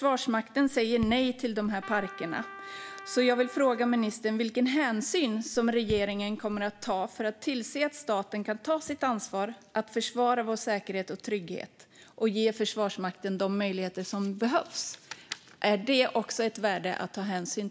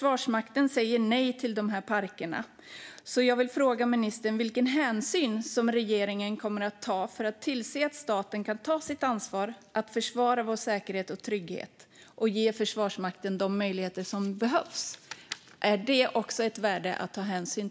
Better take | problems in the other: second | background sound (Raindrop / Drip + Trumpet); 15 dB below the speech

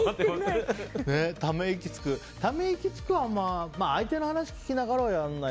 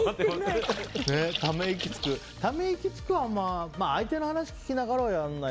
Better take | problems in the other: first | background sound (Splash, splatter); 11 dB below the speech

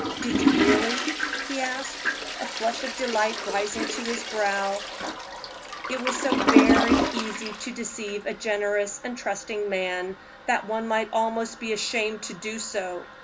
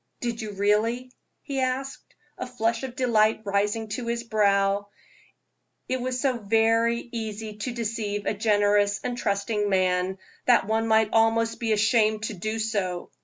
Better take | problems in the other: second | background sound (Toilet flush); 1 dB above the speech

